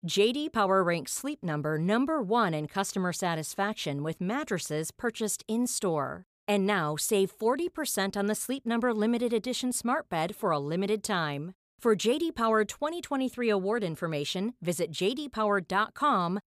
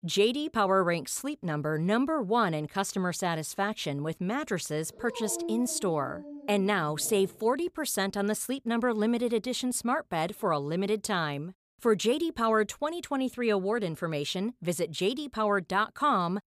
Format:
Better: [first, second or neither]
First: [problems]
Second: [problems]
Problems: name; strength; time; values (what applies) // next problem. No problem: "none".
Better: first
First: none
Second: dog barking; noticeable; from 5 to 7.5 s; peak 7 dB below the speech